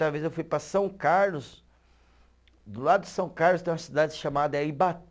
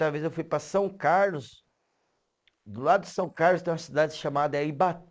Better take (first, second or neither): first